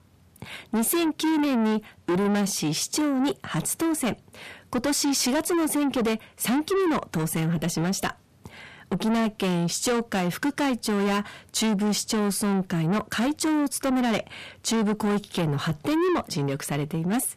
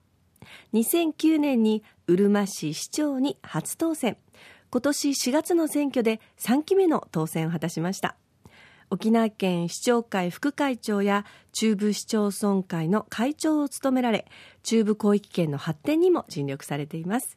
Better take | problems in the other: second | distortion; heavy; 6 dB below the speech

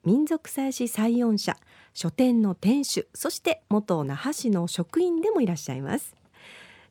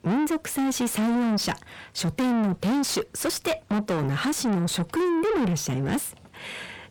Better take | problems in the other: first | distortion; heavy; 6 dB below the speech

